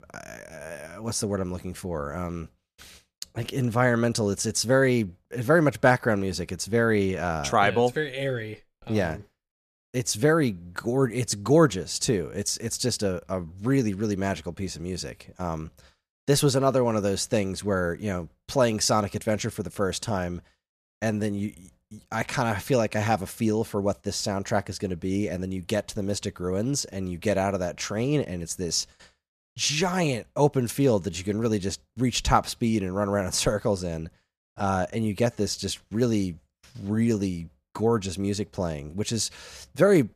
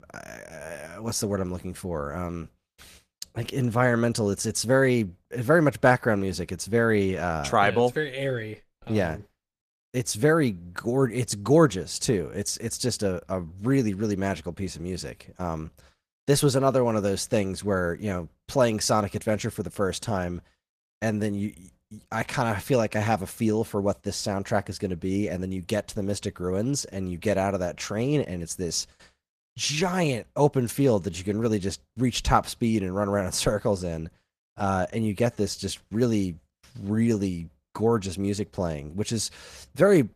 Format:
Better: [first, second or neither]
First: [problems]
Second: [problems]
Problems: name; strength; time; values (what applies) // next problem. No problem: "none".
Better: first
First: none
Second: garbled, watery; slightly; nothing above 14.5 kHz